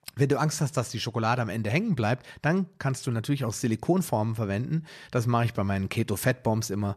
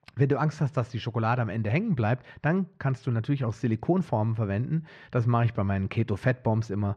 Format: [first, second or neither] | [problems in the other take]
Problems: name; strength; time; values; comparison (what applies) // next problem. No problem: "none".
first | muffled; slightly; fading above 2.5 kHz